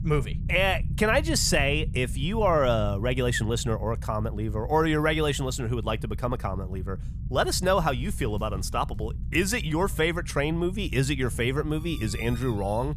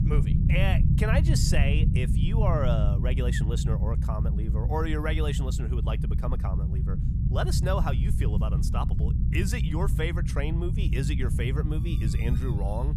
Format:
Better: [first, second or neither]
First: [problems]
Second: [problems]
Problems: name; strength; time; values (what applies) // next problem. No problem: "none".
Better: first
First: low rumble; faint; throughout; 20 dB below the speech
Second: low rumble; loud; throughout; 6 dB below the speech